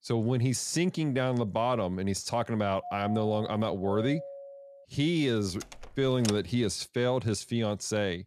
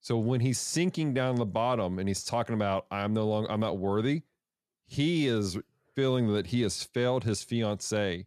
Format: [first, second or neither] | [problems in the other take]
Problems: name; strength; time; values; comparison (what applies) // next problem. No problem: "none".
second | doorbell; noticeable; from 3 to 5 s; peak 9 dB below the speech // door banging; noticeable; at 5.5 s; peak 7 dB below the speech